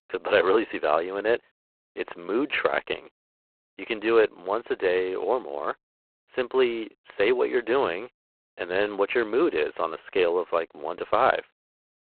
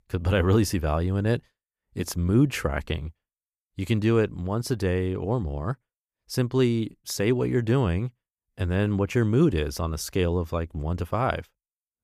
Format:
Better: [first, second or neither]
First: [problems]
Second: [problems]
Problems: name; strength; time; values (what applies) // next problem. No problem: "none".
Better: second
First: phone-call audio; poor line; nothing above 4 kHz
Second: none